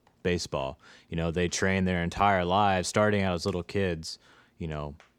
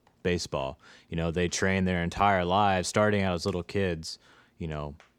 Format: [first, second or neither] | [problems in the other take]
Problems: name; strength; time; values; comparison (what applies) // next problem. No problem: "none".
neither | none